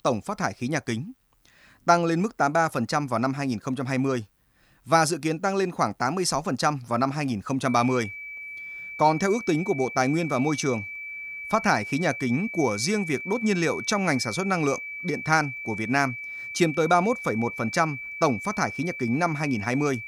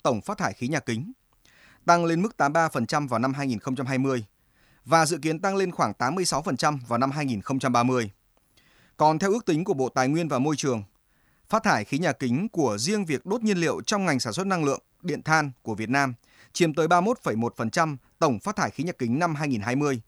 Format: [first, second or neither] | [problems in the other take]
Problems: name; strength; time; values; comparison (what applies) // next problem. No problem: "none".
second | high-pitched whine; loud; from 7.5 s on; 2.5 kHz, 9 dB below the speech